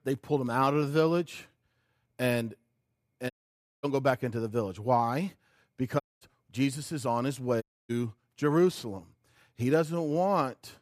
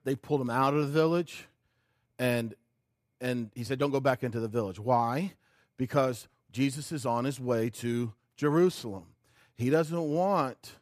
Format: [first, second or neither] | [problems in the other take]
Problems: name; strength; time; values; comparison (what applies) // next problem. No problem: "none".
second | audio cutting out; at 3.5 s for 0.5 s, at 6 s and at 7.5 s